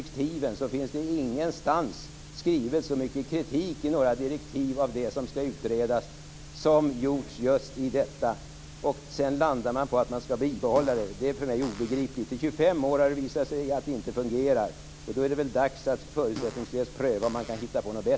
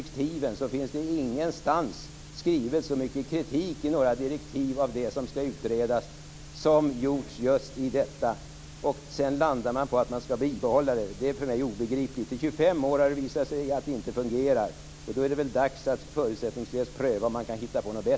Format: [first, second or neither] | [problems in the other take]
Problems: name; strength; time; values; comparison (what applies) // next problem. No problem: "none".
second | background sound (Fart); 16 dB below the speech